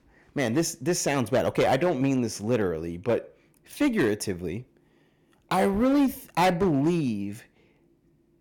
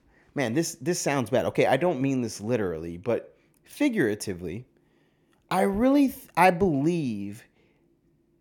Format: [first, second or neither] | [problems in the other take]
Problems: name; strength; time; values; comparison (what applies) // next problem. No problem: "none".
second | distortion; slight; 7% of the sound clipped